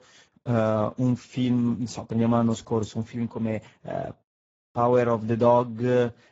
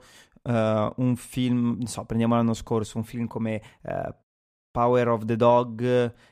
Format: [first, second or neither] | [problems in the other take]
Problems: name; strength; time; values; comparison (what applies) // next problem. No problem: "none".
second | garbled, watery; badly; nothing above 7.5 kHz